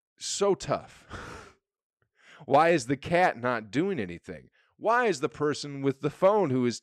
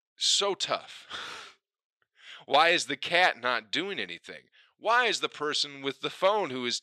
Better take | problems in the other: first | thin; somewhat; fading below 1 kHz

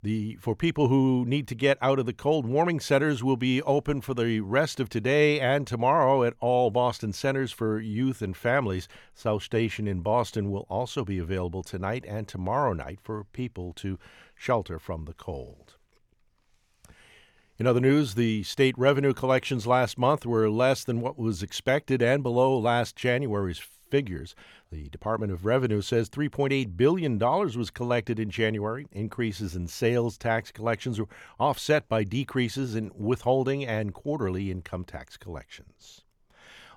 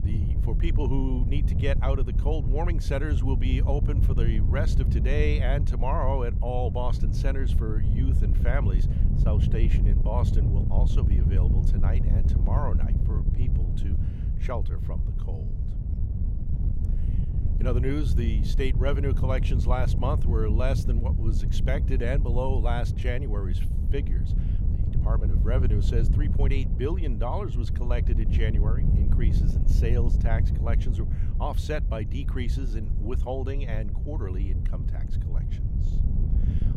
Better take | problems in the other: first | wind noise on the microphone; heavy; 7 dB below the speech

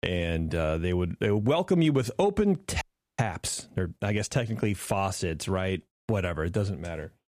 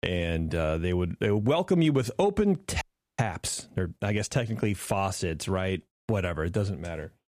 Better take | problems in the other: neither | audio freezing; at 3 s; the same in both

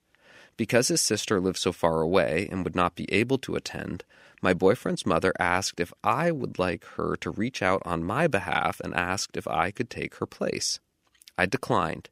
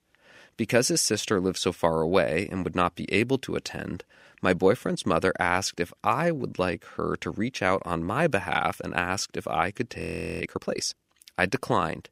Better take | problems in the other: first | audio freezing; at 10 s

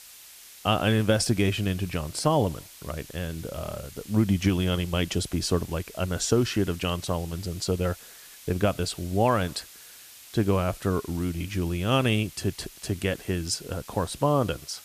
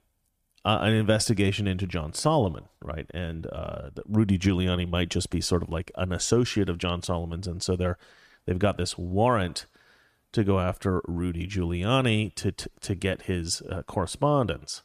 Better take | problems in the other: second | hiss; noticeable; throughout; 20 dB below the speech

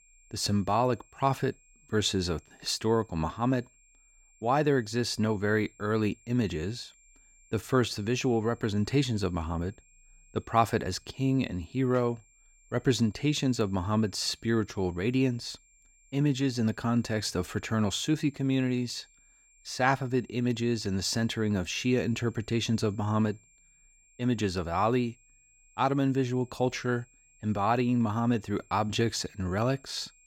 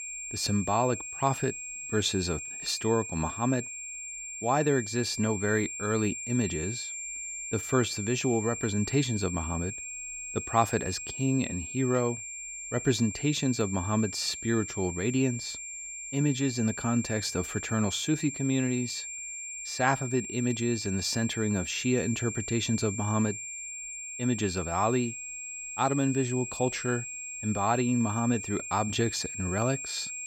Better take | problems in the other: first | high-pitched whine; loud; throughout; 7.5 kHz, 7 dB below the speech; faint in the first

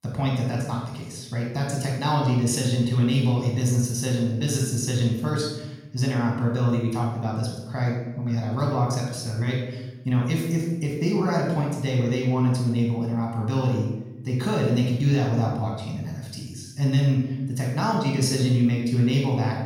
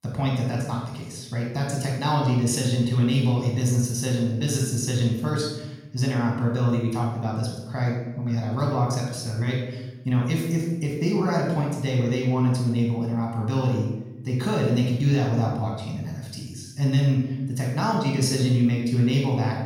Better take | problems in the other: neither | off-mic speech; far; the same in both // room echo; noticeable; dies away in 0.9 s; the same in both

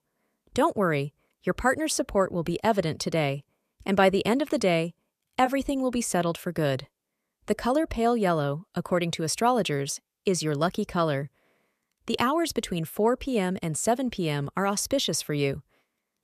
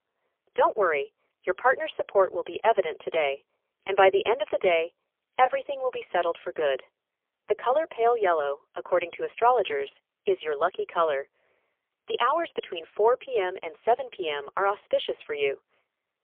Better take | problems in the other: first | phone-call audio; poor line; nothing above 3.5 kHz

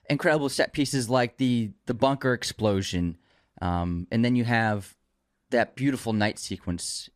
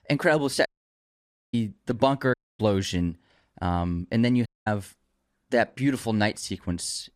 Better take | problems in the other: first | audio cutting out; at 0.5 s for 1 s, at 2.5 s and at 4.5 s

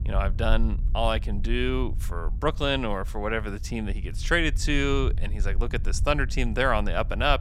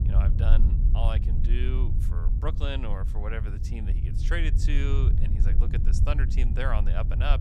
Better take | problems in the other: first | low rumble; loud; throughout; 7 dB below the speech; faint in the first

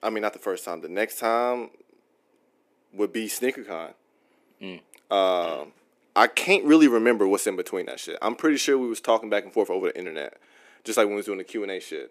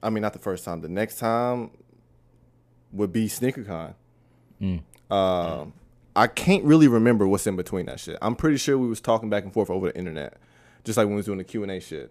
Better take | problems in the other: second | thin; very slightly; fading below 300 Hz

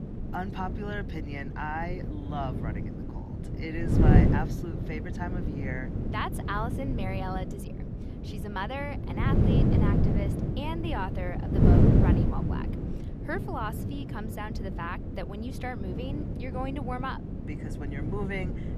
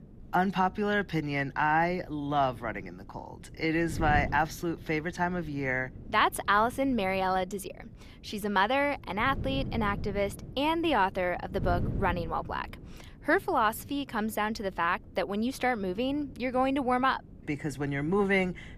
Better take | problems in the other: second | wind noise on the microphone; heavy; 1 dB below the speech; occasional gusts in the second

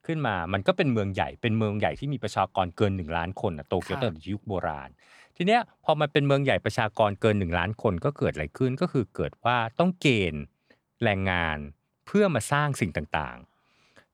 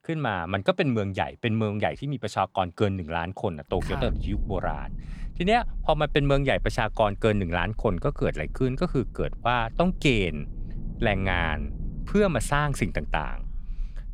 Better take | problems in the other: first | low rumble; faint; from 3.5 s on; 25 dB below the speech

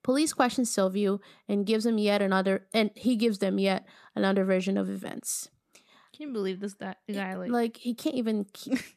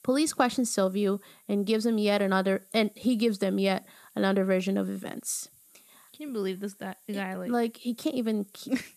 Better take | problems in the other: first | hiss; faint; throughout; 25 dB below the speech

